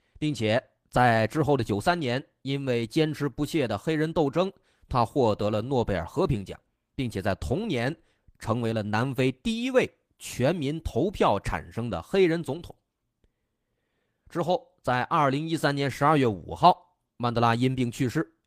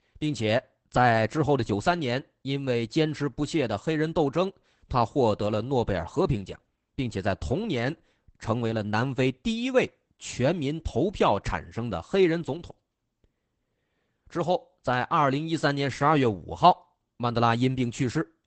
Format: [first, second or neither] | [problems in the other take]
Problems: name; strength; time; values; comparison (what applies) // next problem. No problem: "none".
first | garbled, watery; badly; nothing above 8 kHz; slightly in the first